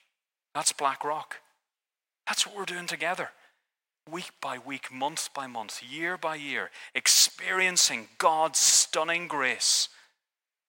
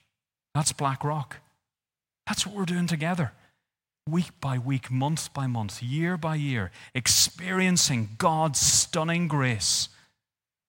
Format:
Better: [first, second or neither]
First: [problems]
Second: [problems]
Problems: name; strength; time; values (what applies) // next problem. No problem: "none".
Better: second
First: thin; very; fading below 400 Hz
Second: none